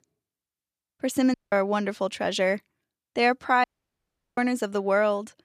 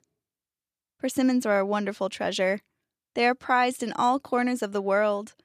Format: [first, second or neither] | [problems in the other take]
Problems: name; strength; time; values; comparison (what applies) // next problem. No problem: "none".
second | audio cutting out; at 1.5 s and at 3.5 s for 0.5 s